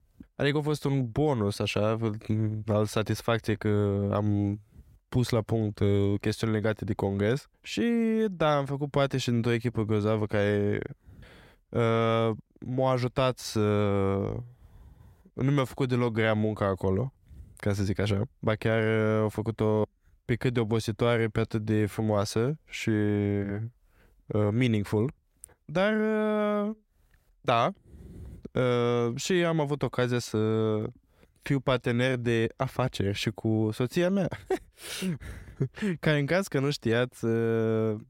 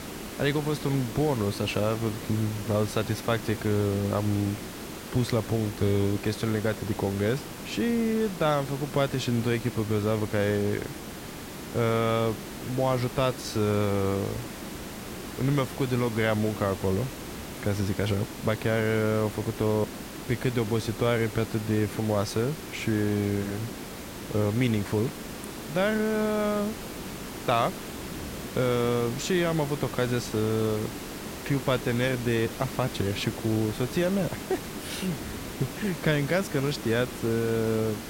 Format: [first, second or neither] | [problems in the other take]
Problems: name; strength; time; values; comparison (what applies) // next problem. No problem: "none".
first | hiss; loud; throughout; 10 dB below the speech